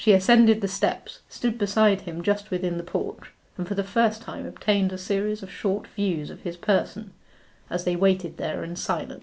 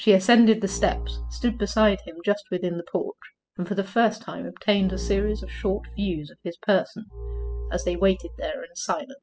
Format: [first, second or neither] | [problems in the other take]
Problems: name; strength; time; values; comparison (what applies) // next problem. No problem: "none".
first | noise reduction (classical method spectral subtraction)